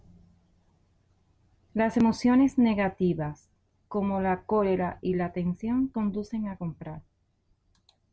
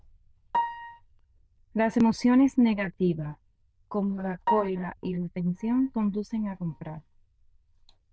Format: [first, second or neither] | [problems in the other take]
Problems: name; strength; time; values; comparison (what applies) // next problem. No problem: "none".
first | noise reduction (neural diffusion model UNIVERSE++)